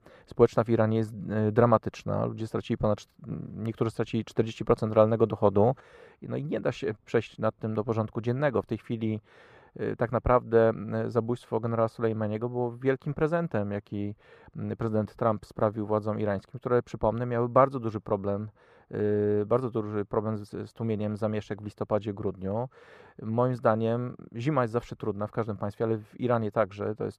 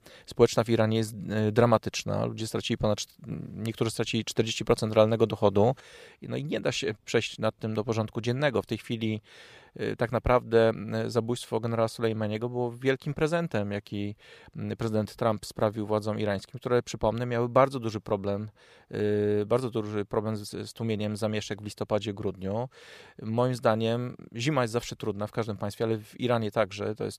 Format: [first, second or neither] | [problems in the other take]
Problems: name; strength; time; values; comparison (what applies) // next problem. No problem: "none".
second | muffled; slightly; fading above 2.5 kHz